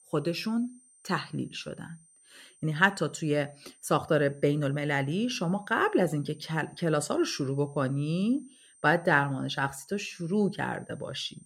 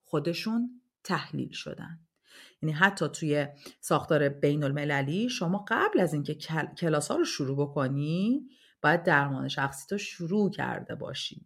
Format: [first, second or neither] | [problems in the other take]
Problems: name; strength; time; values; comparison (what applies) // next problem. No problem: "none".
second | high-pitched whine; faint; throughout; 8.5 kHz, 30 dB below the speech